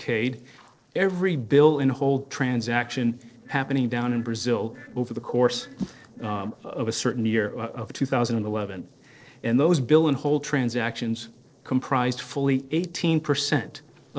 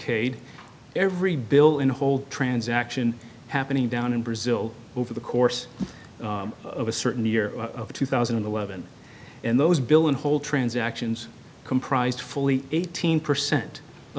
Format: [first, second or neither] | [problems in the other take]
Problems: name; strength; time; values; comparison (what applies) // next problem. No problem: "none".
second | noise reduction (neural separator model SepFormer DNS4)